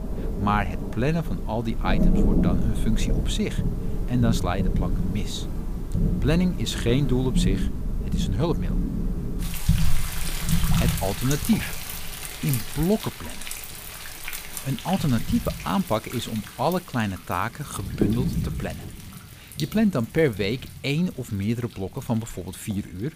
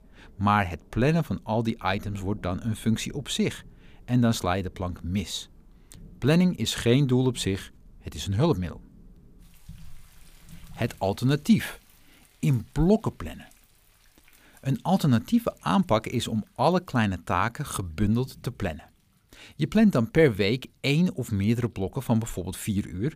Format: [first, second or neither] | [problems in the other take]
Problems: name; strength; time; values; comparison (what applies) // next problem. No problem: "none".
second | rain or running water; loud; throughout; 2 dB below the speech; faint in the second